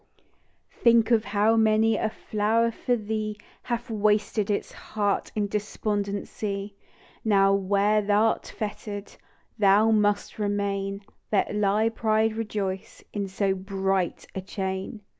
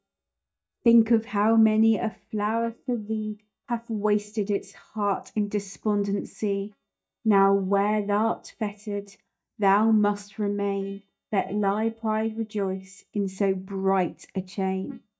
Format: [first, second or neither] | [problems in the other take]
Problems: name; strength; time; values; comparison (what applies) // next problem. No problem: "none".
first | noise reduction (neural mask model DeepFilterNet 3)